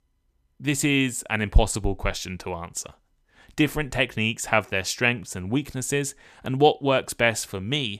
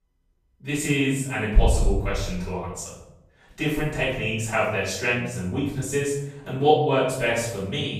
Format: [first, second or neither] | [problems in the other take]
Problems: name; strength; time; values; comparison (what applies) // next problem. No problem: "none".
first | off-mic speech; far // room echo; noticeable; dies away in 0.8 s